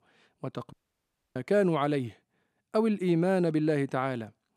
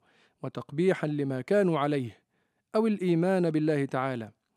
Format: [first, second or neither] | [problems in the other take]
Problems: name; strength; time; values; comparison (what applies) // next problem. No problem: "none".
second | audio cutting out; at 0.5 s for 0.5 s